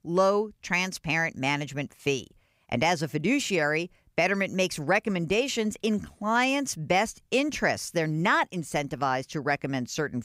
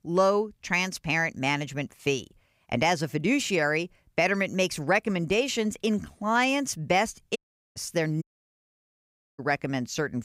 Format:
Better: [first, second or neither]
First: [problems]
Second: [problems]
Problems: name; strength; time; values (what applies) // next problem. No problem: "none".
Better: first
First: none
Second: audio cutting out; at 7.5 s and at 8 s for 1 s